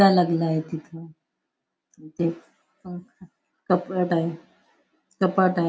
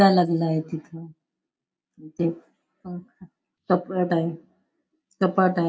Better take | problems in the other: first | noise reduction (neural mask model Resemble Enhance denoiser)

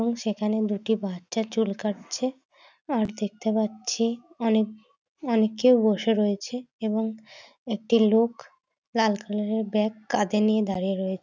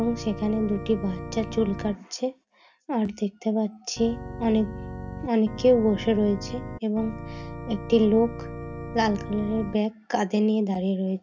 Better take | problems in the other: first | background sound (Organ); 12 dB below the speech // room echo; dies away in 0.3 s

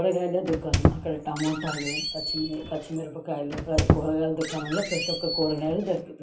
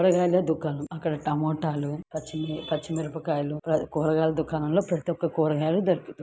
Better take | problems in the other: second | background sound (Squeak); 1 dB below the speech // room echo; dies away in 0.3 s

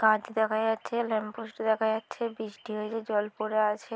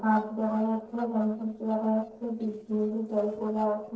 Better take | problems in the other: first | noise reduction (neural separator model SepFormer DNS4)

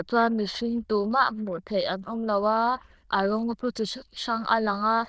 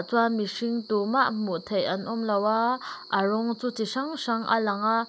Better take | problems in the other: second | noise reduction (neural diffusion model UNIVERSE++)

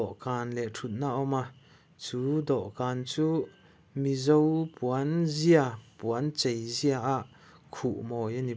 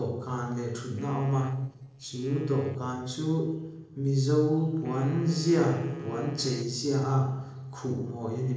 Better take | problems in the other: first | noise reduction (neural separator model SepFormer DNS4)

